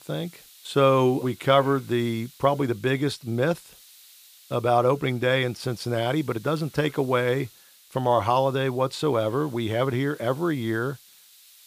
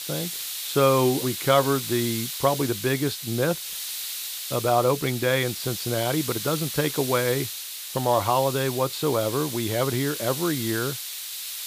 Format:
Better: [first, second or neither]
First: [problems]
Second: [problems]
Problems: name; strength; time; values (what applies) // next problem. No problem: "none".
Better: first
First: hiss; faint; throughout; 25 dB below the speech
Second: hiss; loud; throughout; 6 dB below the speech